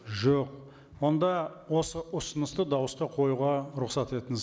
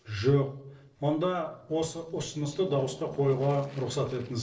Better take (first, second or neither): first